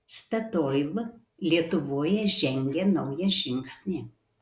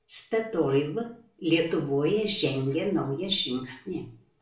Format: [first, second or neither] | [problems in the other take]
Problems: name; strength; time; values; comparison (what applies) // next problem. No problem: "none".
first | room echo; dies away in 0.4 s